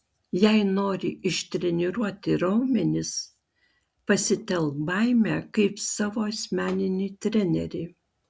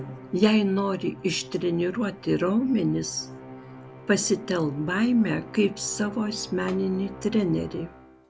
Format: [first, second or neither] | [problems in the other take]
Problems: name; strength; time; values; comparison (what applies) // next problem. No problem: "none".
first | background sound (Musical instrument); 16 dB below the speech